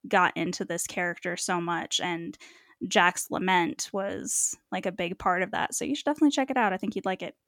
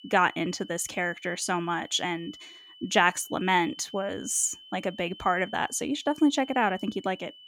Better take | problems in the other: first | high-pitched whine; noticeable; throughout; 3 kHz, 20 dB below the speech

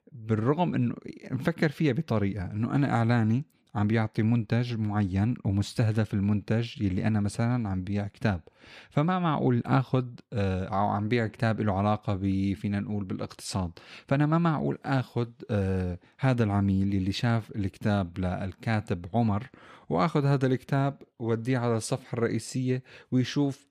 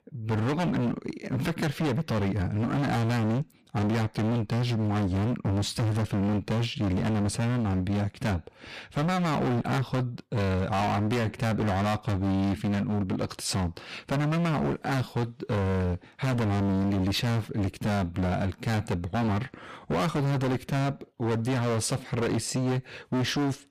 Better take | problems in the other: first | distortion; heavy; 35% of the sound clipped

